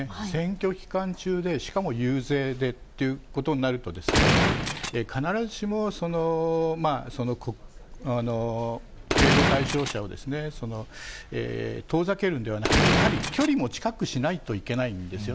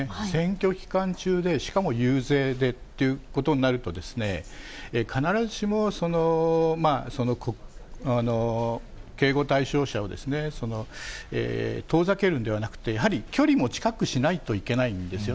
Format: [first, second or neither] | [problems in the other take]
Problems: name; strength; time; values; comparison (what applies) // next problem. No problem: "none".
second | background sound (Gunshot, gunfire); 4 dB above the speech